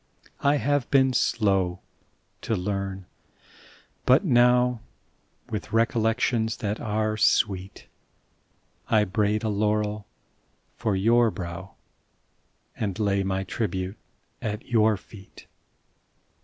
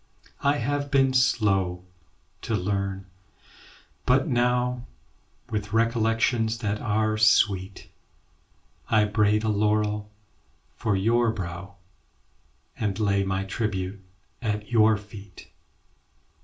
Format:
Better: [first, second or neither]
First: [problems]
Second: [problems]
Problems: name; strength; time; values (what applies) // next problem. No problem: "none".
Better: first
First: none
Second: room echo; dies away in 0.2 s